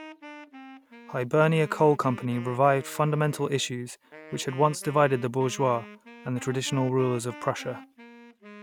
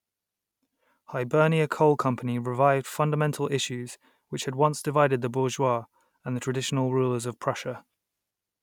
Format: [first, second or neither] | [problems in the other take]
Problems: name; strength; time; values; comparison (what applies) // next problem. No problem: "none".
second | background sound (Wind instrument, woodwind instrument); 19 dB below the speech